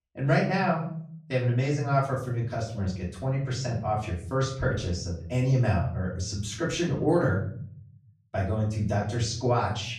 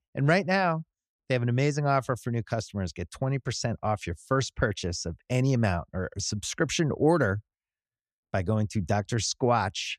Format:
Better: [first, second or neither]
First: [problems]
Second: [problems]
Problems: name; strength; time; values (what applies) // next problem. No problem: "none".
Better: second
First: off-mic speech; far // room echo; slight; dies away in 0.7 s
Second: none